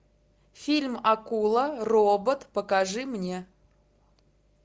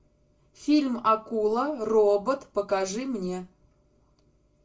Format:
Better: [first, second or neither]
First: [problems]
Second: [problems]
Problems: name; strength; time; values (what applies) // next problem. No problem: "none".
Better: first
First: none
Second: room echo; dies away in 0.2 s